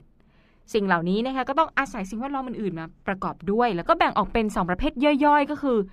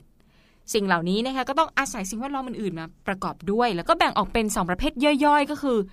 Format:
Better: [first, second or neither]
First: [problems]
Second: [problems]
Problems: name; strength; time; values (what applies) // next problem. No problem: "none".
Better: second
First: muffled; slightly; fading above 4 kHz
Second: none